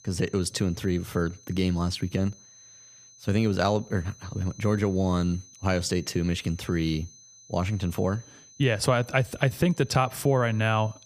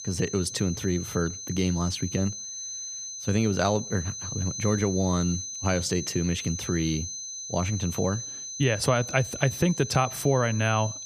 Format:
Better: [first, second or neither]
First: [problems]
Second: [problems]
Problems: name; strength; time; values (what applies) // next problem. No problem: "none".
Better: first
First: high-pitched whine; faint; throughout; 6 kHz, 25 dB below the speech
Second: high-pitched whine; loud; throughout; 6 kHz, 7 dB below the speech